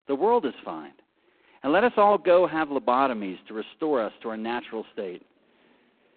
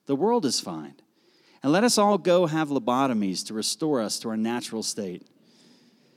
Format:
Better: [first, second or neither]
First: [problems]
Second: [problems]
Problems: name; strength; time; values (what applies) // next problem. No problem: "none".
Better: second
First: phone-call audio; poor line; nothing above 4 kHz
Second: none